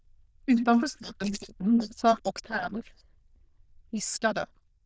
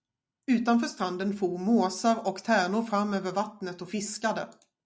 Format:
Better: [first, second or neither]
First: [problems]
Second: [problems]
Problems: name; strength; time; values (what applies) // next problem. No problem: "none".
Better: second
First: noise reduction (neural diffusion model UNIVERSE++)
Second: none